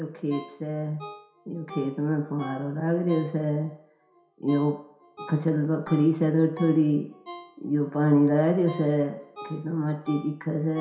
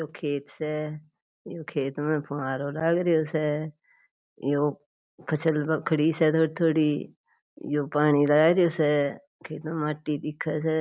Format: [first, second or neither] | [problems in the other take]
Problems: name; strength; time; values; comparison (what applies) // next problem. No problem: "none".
second | background sound (Ringtone); 19 dB below the speech // room echo; dies away in 0.7 s